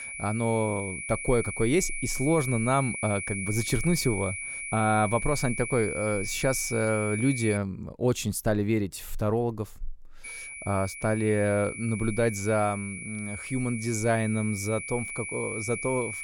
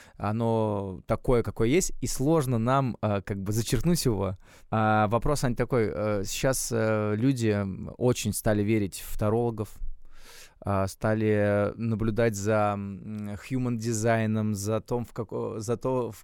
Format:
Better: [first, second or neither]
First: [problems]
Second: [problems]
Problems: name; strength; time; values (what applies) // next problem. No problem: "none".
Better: second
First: high-pitched whine; loud; until 7.5 s and from 10 s on; 2.5 kHz, 6 dB below the speech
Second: none